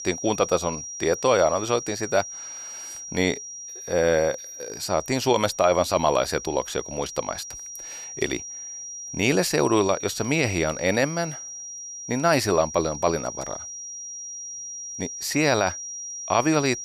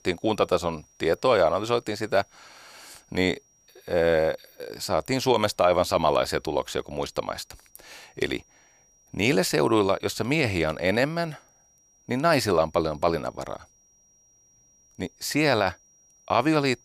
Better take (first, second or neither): second